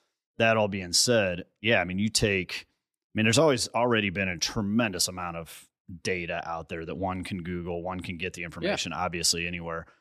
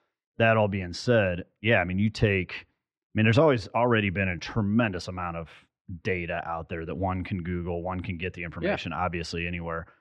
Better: first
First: none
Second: muffled; very; fading above 2 kHz

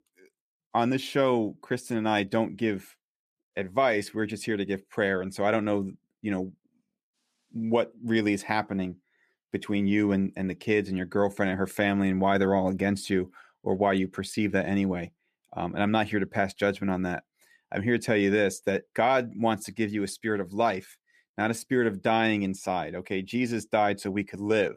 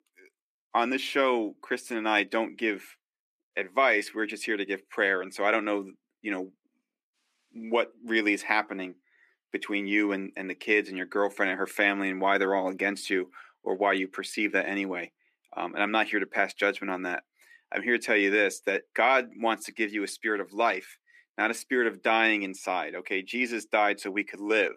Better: first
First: none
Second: thin; somewhat; fading below 300 Hz

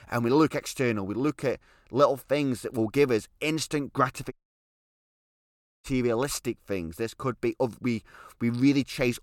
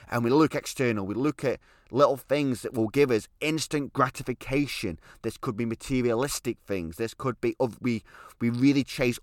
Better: second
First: audio cutting out; at 4.5 s for 1.5 s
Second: none

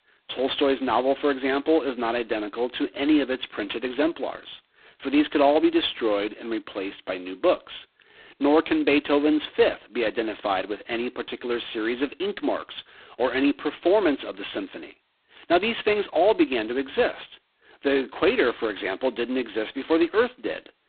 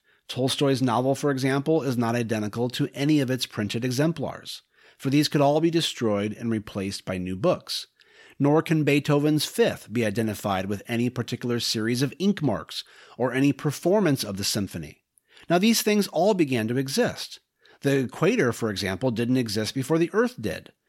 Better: second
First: phone-call audio; poor line; nothing above 4 kHz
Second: none

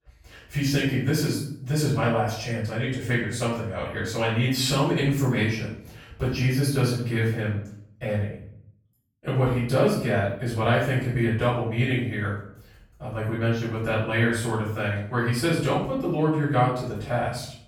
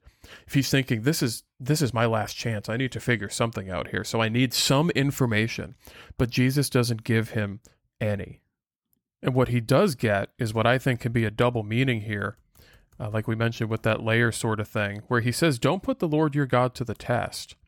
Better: second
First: off-mic speech; far // room echo; noticeable; dies away in 0.6 s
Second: none

